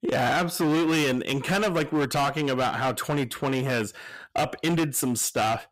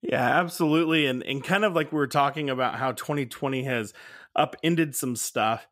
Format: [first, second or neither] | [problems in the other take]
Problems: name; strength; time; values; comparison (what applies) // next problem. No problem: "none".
second | distortion; heavy; 21% of the sound clipped